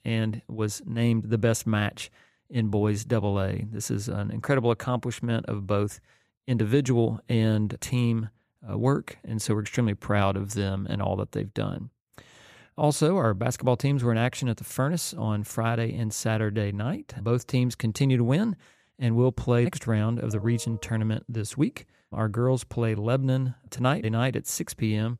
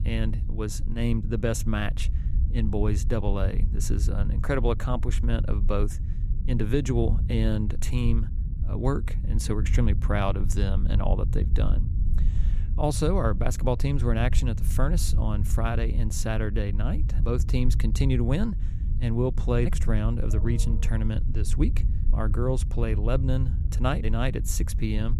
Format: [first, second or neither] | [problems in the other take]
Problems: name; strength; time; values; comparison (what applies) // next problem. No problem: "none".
first | low rumble; noticeable; throughout; 15 dB below the speech